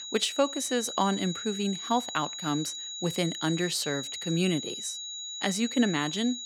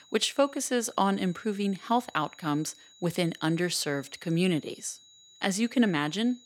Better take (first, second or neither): second